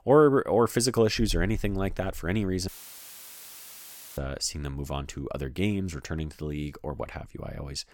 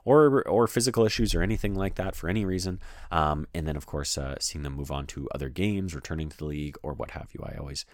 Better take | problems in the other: second | audio cutting out; filled with static; at 2.5 s for 1.5 s

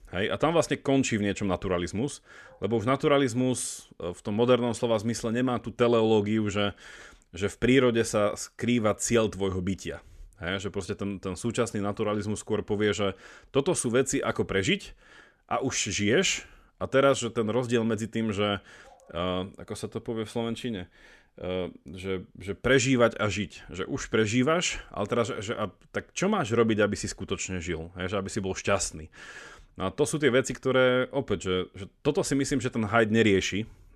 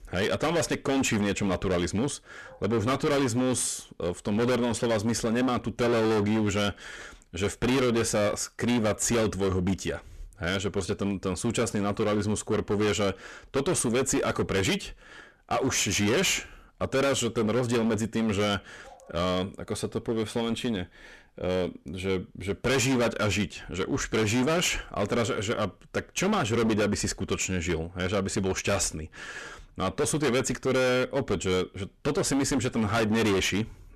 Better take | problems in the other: first | distortion; heavy; 20% of the sound clipped

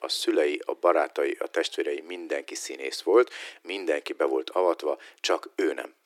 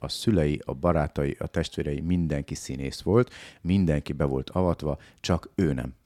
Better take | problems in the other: second | thin; very; fading below 300 Hz

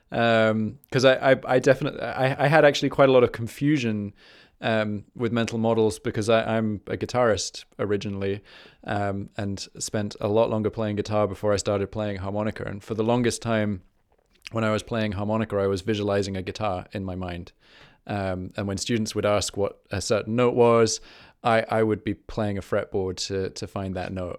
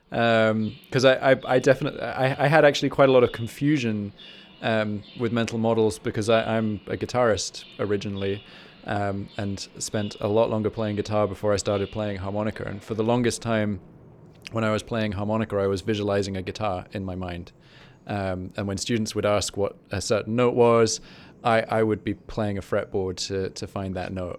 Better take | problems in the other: first | animal sounds; faint; throughout; 25 dB below the speech

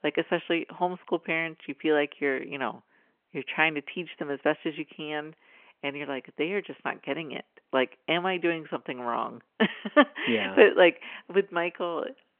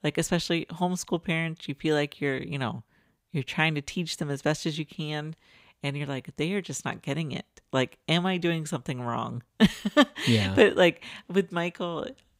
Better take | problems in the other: second | phone-call audio; nothing above 3 kHz

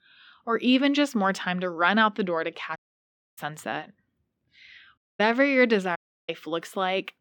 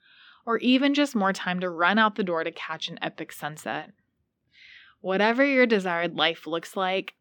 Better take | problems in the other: second | audio cutting out; at 3 s for 0.5 s, at 5 s and at 6 s

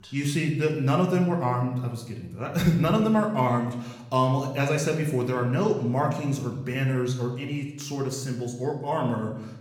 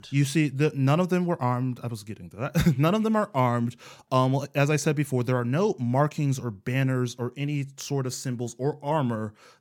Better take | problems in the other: second | room echo; slight; dies away in 0.8 s // off-mic speech; somewhat distant

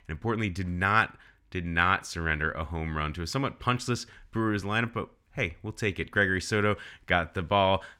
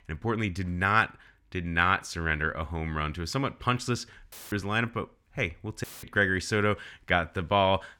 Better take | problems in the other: first | audio cutting out; filled with static; at 4.5 s and at 6 s

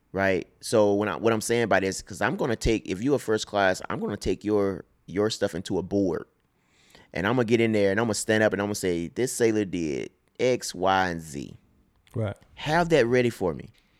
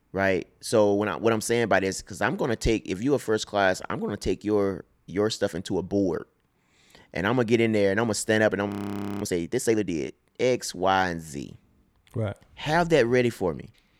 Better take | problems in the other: first | audio freezing; at 8.5 s for 0.5 s

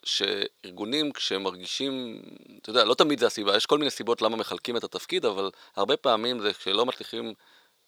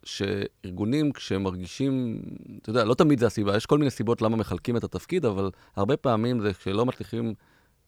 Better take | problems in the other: second | thin; somewhat; fading below 450 Hz

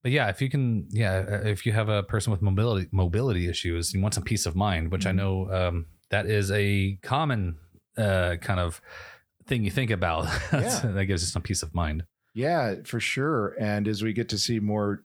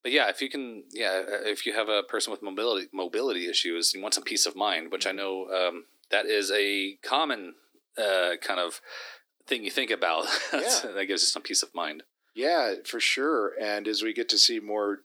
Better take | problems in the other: first | thin; very; fading below 300 Hz

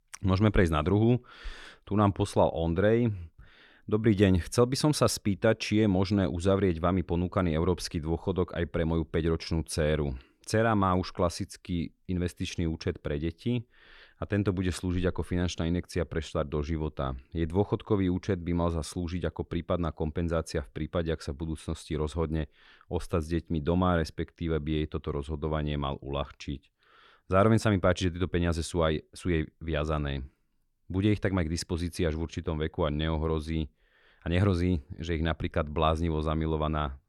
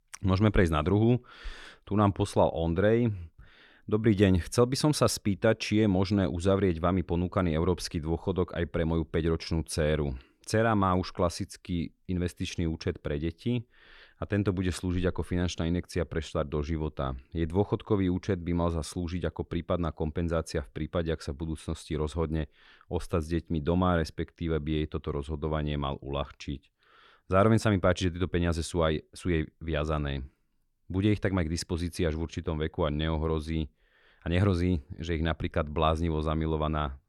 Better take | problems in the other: neither | none

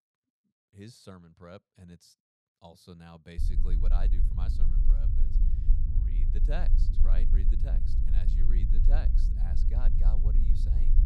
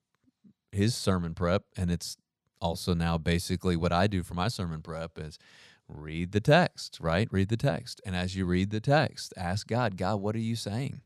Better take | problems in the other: second | low rumble; loud; from 3.5 s on; 2 dB below the speech

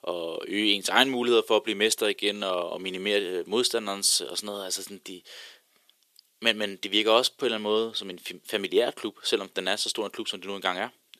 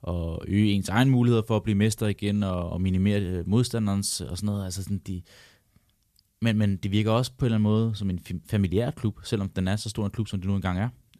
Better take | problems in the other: second | thin; very; fading below 350 Hz

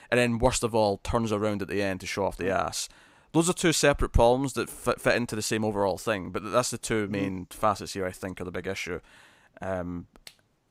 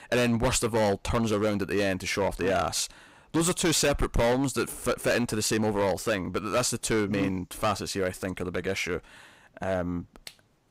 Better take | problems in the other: first | distortion; heavy; 10% of the sound clipped

